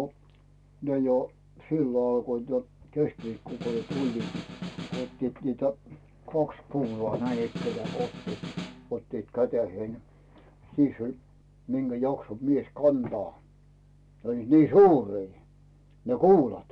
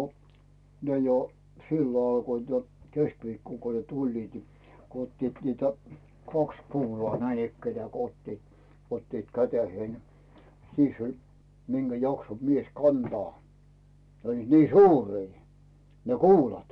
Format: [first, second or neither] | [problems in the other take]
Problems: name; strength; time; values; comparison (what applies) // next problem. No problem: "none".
second | background sound (Snare drum); 10 dB below the speech